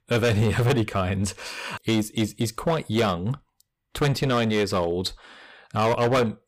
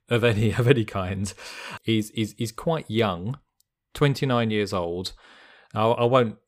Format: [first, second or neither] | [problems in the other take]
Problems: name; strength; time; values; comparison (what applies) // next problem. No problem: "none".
second | distortion; heavy; 11% of the sound clipped